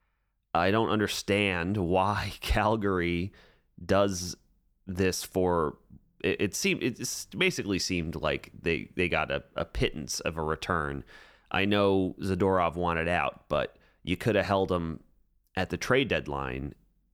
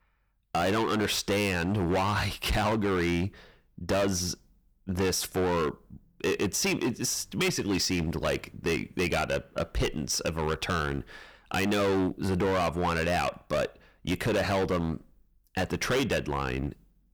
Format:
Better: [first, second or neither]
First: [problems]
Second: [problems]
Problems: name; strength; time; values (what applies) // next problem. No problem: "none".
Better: first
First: none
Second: distortion; heavy; 16% of the sound clipped